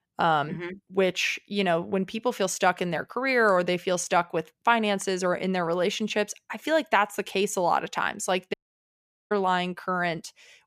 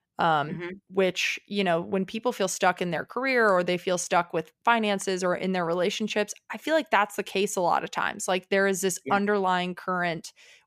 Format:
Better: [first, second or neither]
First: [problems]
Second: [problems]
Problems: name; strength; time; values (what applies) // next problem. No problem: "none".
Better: second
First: audio cutting out; at 8.5 s for 1 s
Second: none